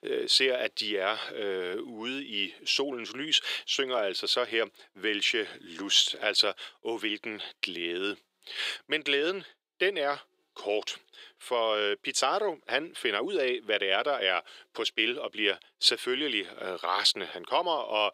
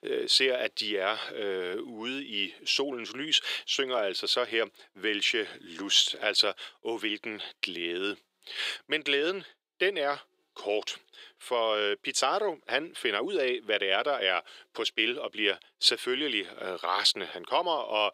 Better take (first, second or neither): neither